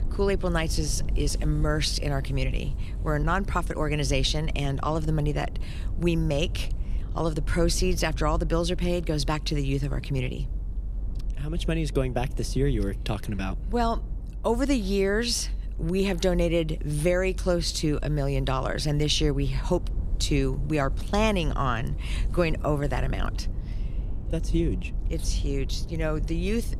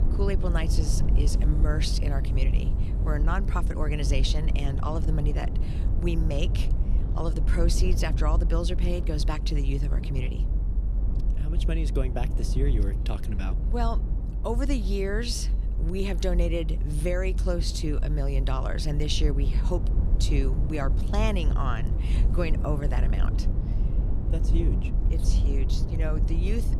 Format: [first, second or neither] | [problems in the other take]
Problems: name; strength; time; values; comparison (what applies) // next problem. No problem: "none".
first | low rumble; loud; throughout; 9 dB below the speech; faint in the first